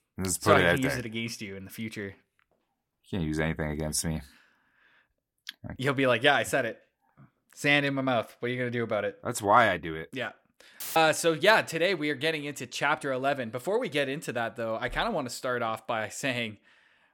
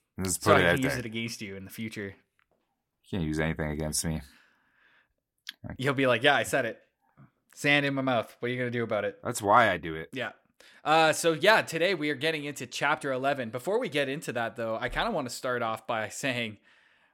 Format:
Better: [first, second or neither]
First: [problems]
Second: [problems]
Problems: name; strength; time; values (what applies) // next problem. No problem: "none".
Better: second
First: audio cutting out; filled with static; at 11 s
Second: none